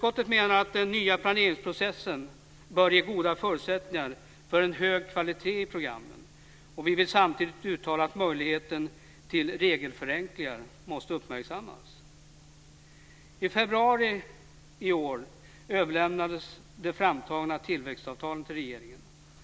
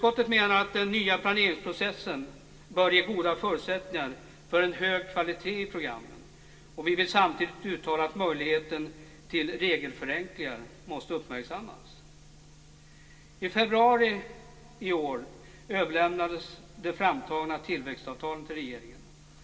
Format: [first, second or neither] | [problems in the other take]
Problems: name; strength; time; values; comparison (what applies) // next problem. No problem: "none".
first | room echo; dies away in 2.1 s